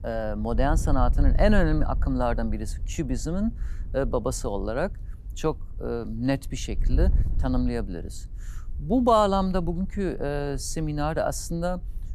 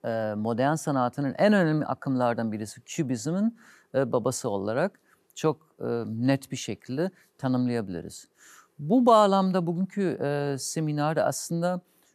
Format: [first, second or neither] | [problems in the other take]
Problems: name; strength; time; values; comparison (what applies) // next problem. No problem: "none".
second | wind noise on the microphone; occasional gusts; 20 dB below the speech